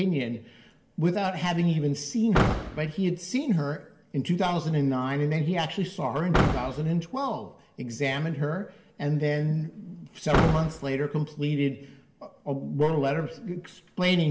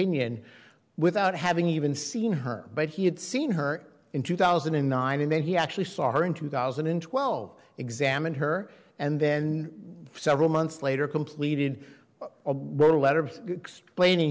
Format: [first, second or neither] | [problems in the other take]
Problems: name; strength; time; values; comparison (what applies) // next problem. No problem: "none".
second | background sound (Slam / Car); 7 dB below the speech // room echo; dies away in 0.7 s